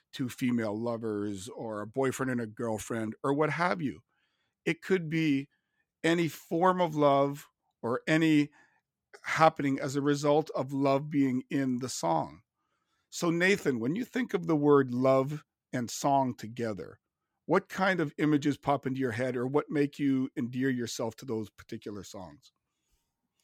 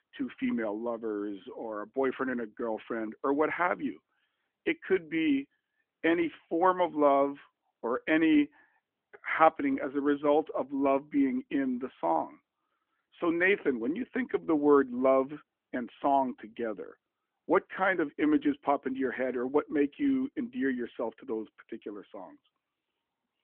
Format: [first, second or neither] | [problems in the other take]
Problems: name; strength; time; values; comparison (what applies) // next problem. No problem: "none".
first | phone-call audio; nothing above 3 kHz